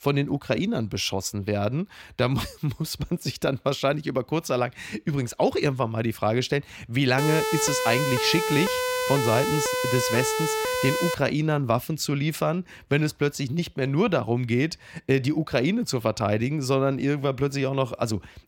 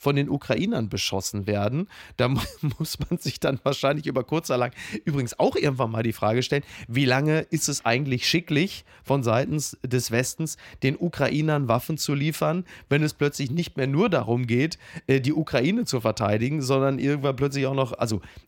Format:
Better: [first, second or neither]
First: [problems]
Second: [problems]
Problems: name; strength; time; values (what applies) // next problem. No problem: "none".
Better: second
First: siren; loud; from 7 to 11 s; peak level with the speech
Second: none